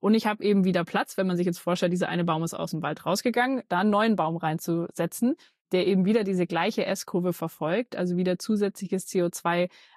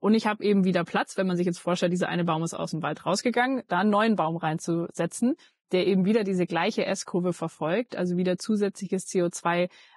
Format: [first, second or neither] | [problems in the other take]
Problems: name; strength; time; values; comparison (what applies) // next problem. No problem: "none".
first | garbled, watery; badly; nothing above 10.5 kHz; slightly in the first